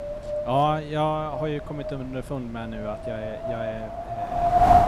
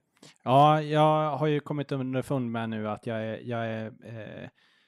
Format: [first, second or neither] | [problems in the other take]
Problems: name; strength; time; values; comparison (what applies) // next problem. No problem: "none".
second | wind noise on the microphone; heavy; 2 dB above the speech